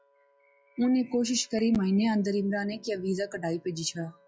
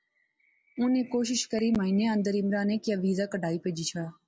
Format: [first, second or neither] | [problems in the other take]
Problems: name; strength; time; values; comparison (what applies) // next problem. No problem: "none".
second | noise reduction (classical method log-MMSE)